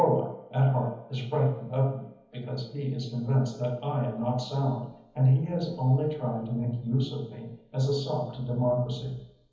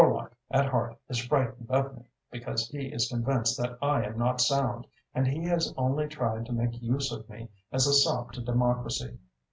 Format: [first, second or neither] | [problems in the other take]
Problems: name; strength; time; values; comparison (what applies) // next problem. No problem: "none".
second | room echo; dies away in 1.3 s